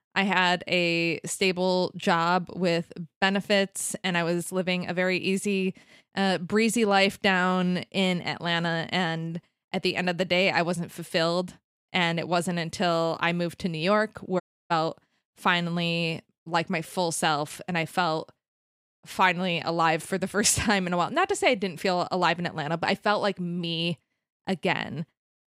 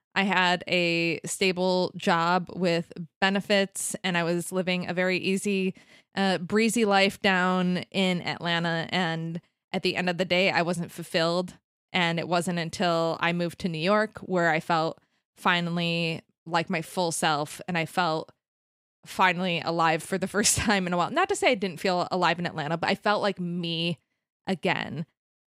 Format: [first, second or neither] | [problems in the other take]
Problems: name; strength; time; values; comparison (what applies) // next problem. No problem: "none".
second | audio cutting out; at 14 s